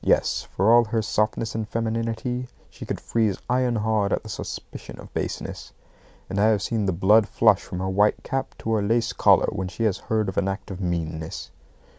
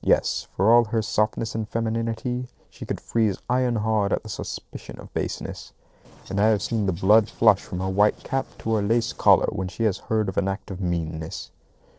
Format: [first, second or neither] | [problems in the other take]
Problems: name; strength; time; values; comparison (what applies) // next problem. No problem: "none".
first | noise reduction (neural separator model SepFormer DNS4)